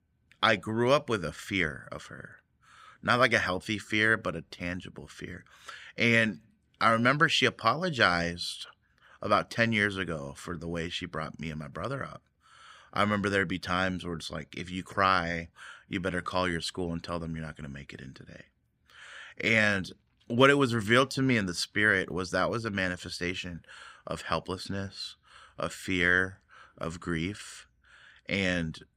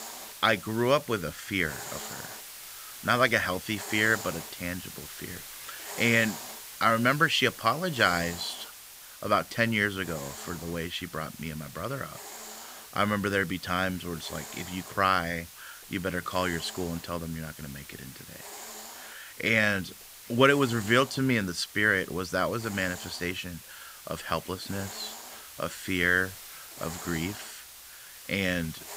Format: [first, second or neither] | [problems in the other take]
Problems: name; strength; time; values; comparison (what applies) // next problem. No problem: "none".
first | hiss; noticeable; throughout; 15 dB below the speech